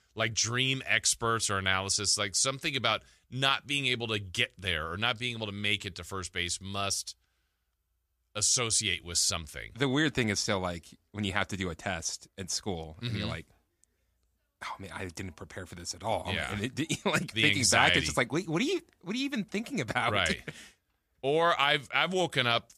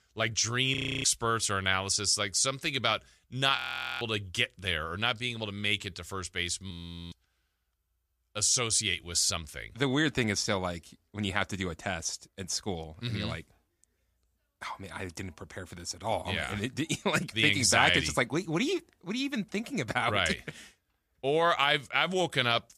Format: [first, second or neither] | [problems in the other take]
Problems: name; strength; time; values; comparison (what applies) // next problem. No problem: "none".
first | audio freezing; at 1 s, at 3.5 s and at 6.5 s